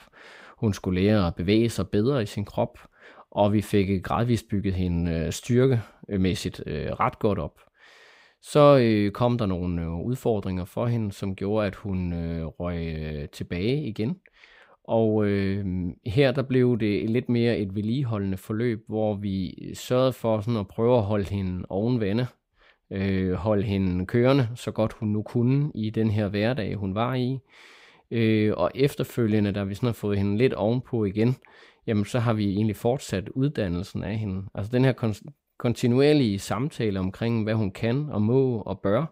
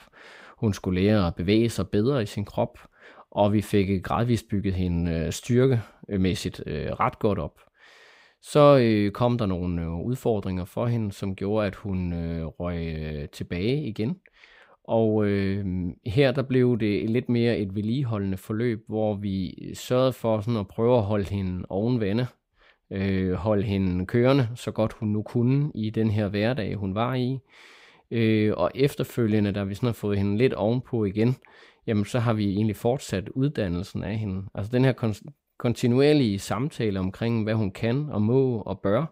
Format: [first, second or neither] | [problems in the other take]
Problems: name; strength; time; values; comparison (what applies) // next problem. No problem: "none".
neither | none